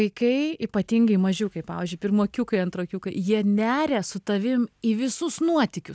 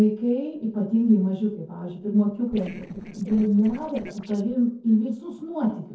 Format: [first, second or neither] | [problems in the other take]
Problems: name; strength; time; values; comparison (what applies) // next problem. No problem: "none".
first | noise reduction (neural separator model SepFormer DNS4)